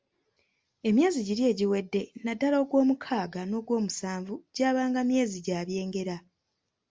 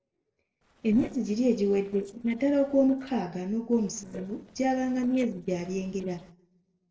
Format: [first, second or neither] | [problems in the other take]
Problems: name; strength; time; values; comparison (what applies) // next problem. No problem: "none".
first | noise reduction (neural separator model SepFormer DNS4)